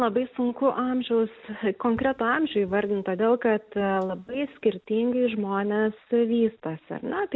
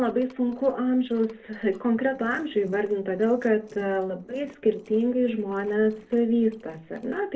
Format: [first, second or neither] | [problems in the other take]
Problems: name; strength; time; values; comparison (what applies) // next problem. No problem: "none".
first | noise reduction (neural separator model SepFormer DNS4)